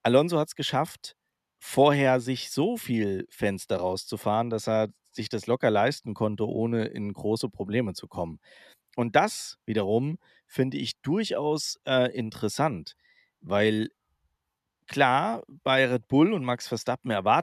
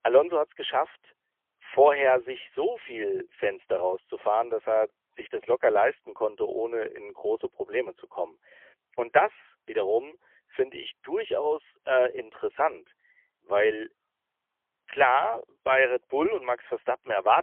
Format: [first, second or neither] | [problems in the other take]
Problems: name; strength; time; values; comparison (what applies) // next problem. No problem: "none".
first | phone-call audio; poor line; nothing above 3.5 kHz